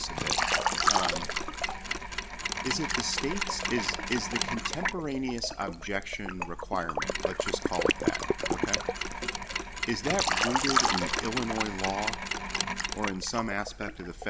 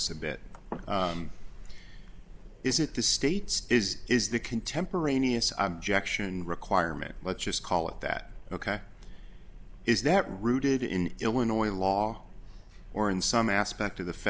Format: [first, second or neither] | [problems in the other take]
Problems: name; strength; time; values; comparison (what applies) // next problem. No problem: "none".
second | background sound (Liquid + Mechanisms); 3 dB above the speech